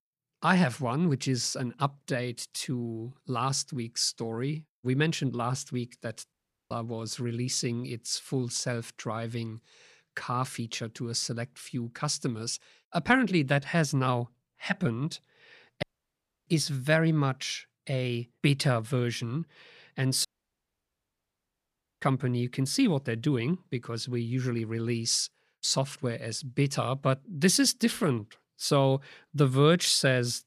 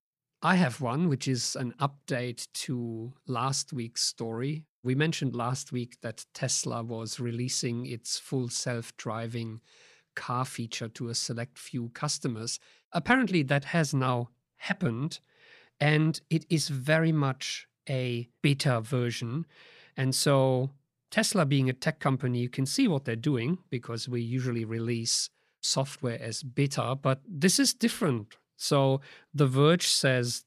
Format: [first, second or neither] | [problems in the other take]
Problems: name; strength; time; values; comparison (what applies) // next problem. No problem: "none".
second | audio cutting out; at 6.5 s, at 16 s for 0.5 s and at 20 s for 2 s